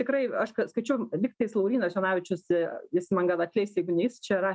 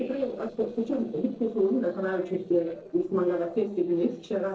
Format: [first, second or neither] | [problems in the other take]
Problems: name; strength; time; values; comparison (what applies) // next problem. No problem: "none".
first | noise reduction (neural separator model SepFormer DNS4)